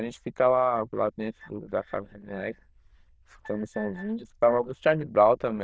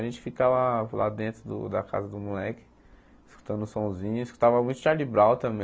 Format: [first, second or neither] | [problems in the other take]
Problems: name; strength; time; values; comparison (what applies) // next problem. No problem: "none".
second | noise reduction (neural diffusion model UNIVERSE++)